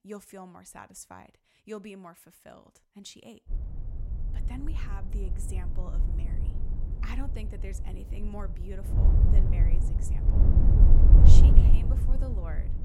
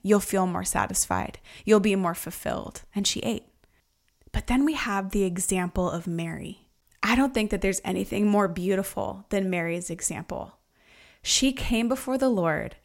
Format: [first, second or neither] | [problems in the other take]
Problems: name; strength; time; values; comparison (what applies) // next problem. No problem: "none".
second | wind noise on the microphone; heavy; from 3.5 s on; 5 dB above the speech